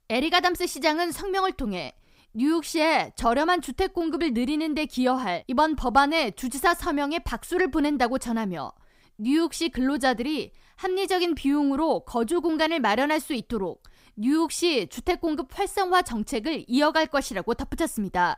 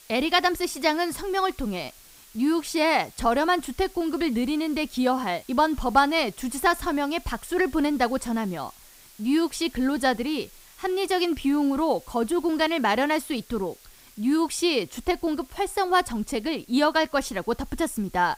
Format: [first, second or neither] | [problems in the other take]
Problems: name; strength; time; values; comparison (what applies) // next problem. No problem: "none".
first | hiss; faint; throughout; 25 dB below the speech